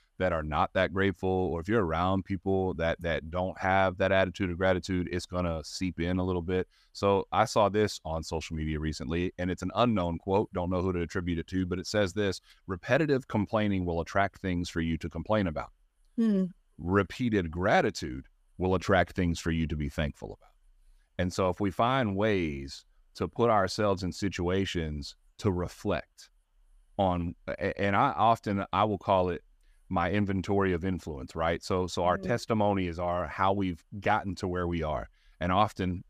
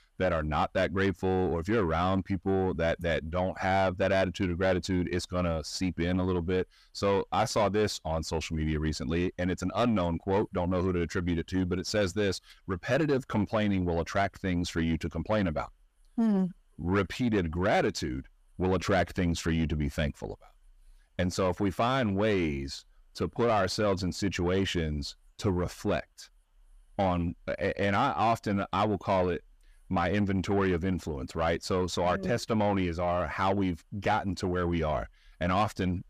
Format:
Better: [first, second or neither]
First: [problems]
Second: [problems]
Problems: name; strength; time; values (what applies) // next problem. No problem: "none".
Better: first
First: none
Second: distortion; slight; 10 dB below the speech